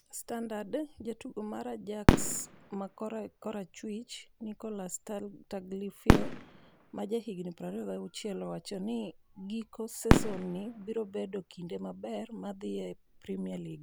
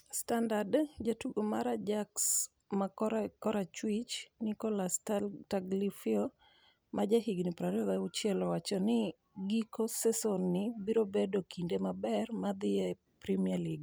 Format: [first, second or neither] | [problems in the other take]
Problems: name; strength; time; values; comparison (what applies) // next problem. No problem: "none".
second | background sound (Fireworks); 4 dB above the speech